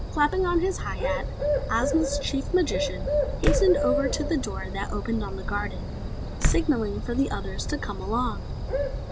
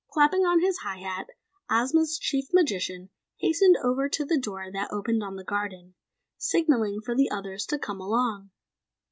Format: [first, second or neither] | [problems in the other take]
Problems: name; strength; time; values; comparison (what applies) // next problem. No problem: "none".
second | background sound (Bird + Slam); 1 dB above the speech